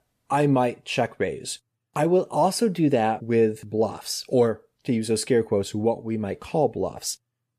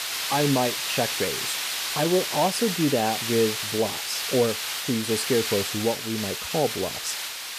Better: first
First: none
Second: hiss; loud; throughout; 1 dB below the speech

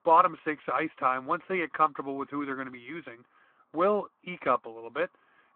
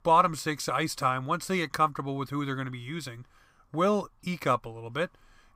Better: second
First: phone-call audio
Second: none

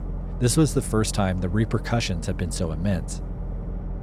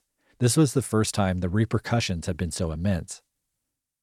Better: second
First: low rumble; noticeable; throughout; 15 dB below the speech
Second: none

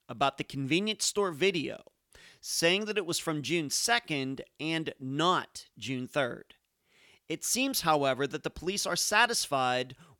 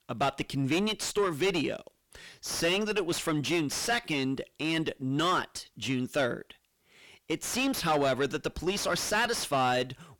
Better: first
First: none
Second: distortion; heavy; 5 dB below the speech

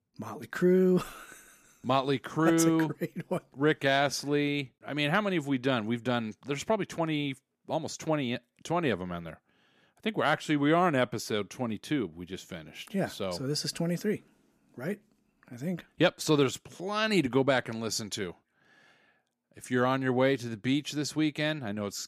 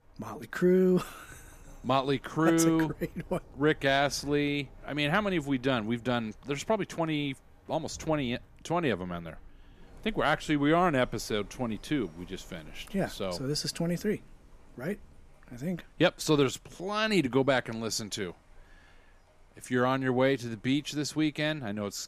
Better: first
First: none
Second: rain or running water; faint; throughout; 25 dB below the speech

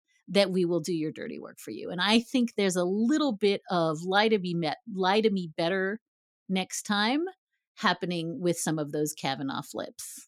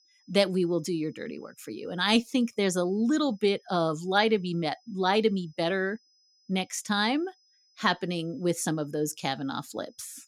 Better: first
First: none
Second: high-pitched whine; faint; throughout; 5 kHz, 35 dB below the speech

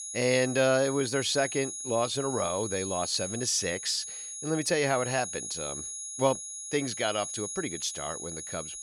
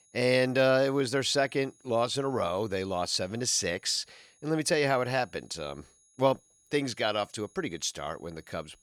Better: second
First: high-pitched whine; loud; throughout; 6.5 kHz, 6 dB below the speech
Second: high-pitched whine; faint; throughout; 6.5 kHz, 30 dB below the speech

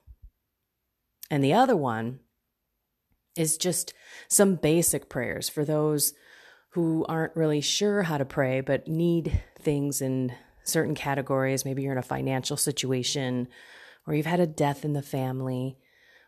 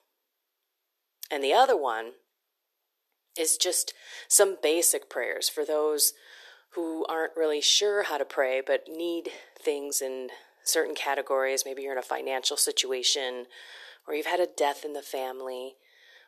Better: first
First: none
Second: thin; very; fading below 350 Hz

